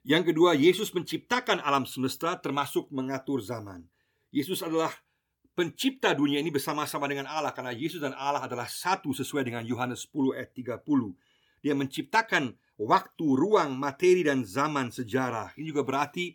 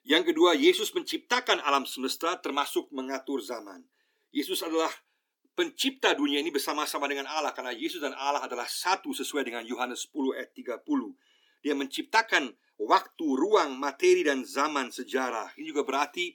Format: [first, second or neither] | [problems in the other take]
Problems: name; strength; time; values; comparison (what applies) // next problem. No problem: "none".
first | thin; very slightly; fading below 300 Hz